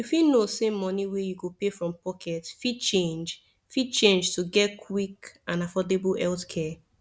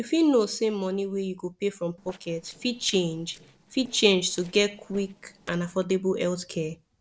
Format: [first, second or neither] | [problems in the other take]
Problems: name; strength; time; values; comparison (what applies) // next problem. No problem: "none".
first | noise reduction (neural separator model SepFormer DNS4)